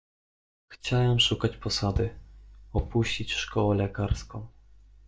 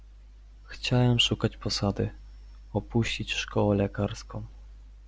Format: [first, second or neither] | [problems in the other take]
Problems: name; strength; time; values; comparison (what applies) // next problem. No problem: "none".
second | noise reduction (neural mask model DeepFilterNet 3)